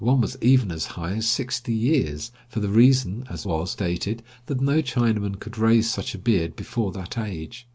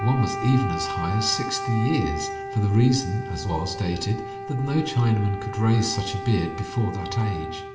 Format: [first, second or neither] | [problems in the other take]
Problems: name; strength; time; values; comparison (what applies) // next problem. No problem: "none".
first | background sound (Wind instrument, woodwind instrument); 8 dB below the speech // room echo; dies away in 0.9 s